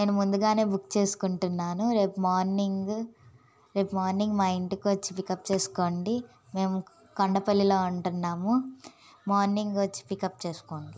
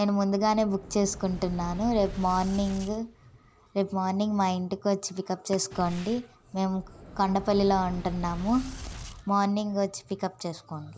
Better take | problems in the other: first | background sound (Boom); 15 dB below the speech

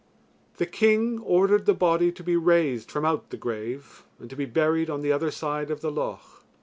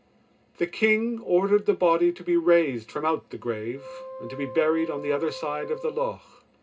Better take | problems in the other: first | background sound (Wind instrument, woodwind instrument); 15 dB below the speech // room echo; dies away in 0.2 s

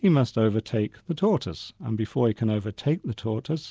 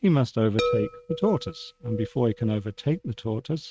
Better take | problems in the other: first | noise reduction (neural mask model RNNoise)

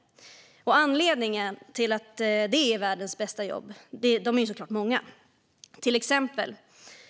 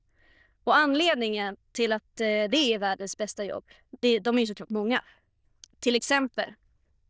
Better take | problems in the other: first | noise reduction (neural diffusion model UNIVERSE++)

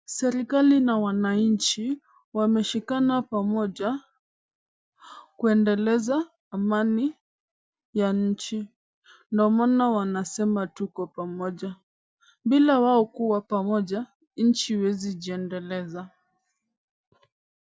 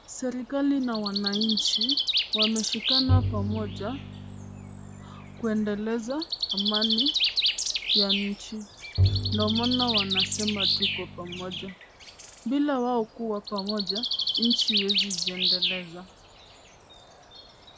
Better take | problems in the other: first | background sound (Bowed string instrument + Bird); 2 dB above the speech

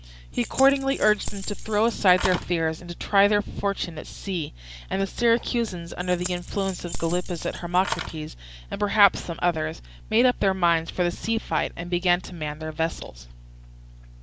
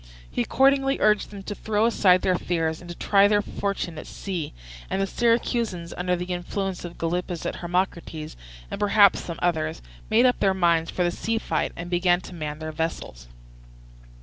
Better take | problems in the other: second | background sound (Keys jangling); 8 dB below the speech

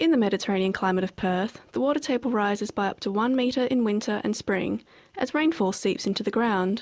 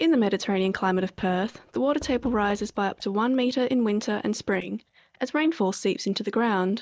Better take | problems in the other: first | noise reduction (neural mask model DeepFilterNet 3)

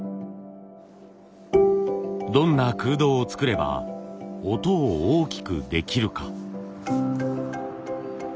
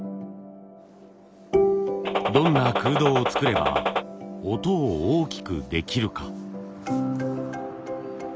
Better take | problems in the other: first | background sound (Gunshot, gunfire); as loud as the speech

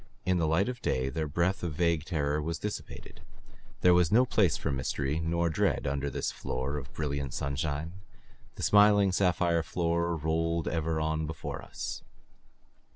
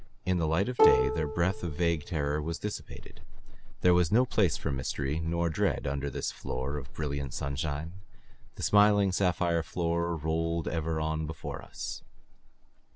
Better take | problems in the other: first | background sound (Plucked string instrument); 1 dB below the speech

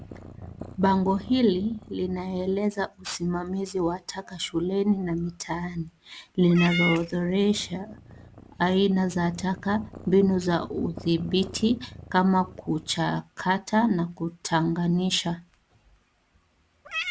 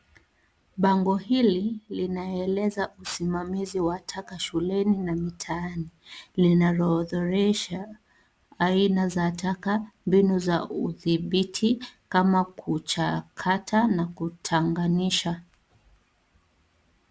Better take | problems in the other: second | background sound (Meow / Purr); 15 dB below the speech

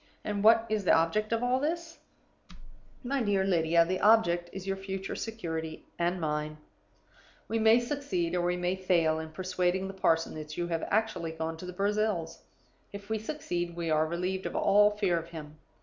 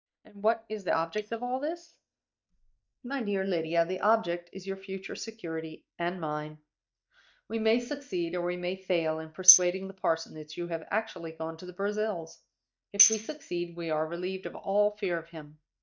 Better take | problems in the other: first | noise reduction (neural mask model DeepFilterNet 3)

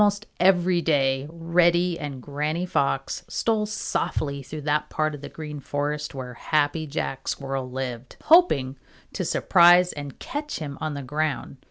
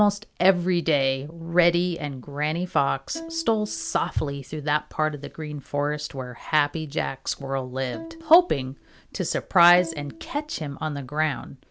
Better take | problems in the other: first | background sound (Bowed string instrument); 17 dB below the speech

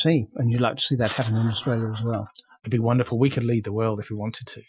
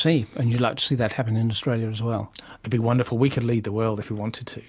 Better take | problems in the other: second | noise reduction (classical method Wiener filter)

